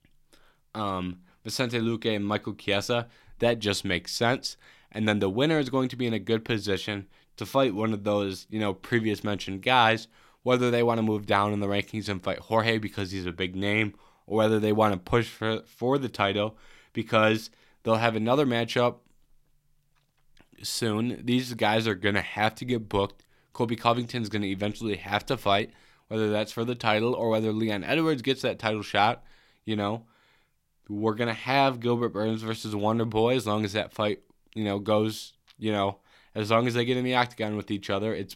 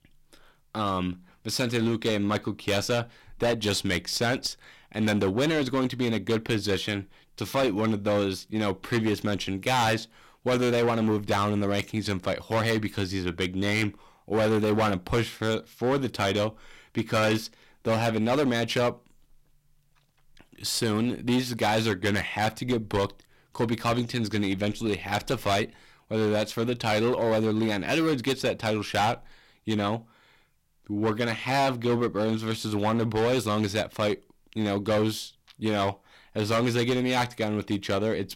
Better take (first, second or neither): first